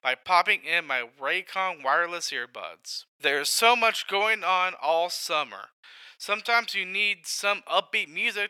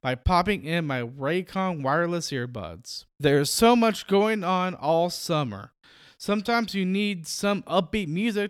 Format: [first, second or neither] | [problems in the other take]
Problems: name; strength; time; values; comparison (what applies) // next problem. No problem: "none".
second | thin; very; fading below 800 Hz